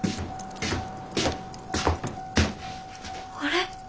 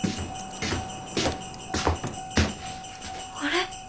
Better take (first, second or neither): first